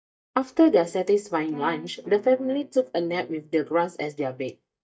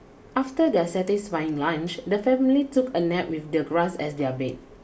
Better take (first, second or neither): second